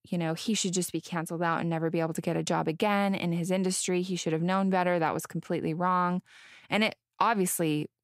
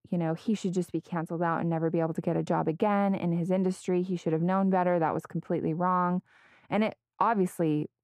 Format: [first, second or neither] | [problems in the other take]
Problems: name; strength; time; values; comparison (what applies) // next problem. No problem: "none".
first | muffled; very; fading above 2 kHz